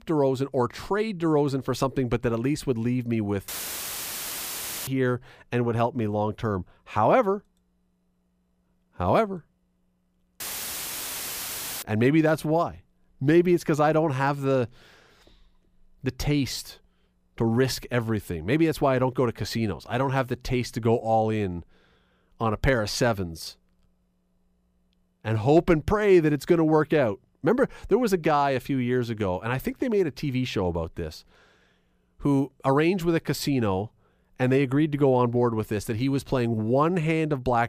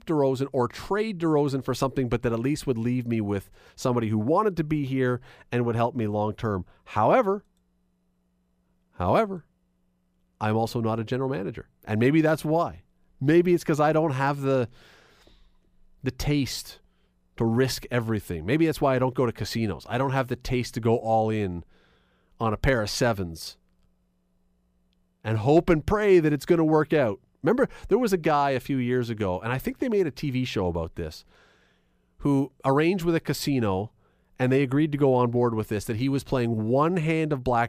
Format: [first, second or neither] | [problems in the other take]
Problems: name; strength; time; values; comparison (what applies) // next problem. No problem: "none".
second | audio cutting out; filled with static; at 3.5 s for 1.5 s and at 10 s for 1.5 s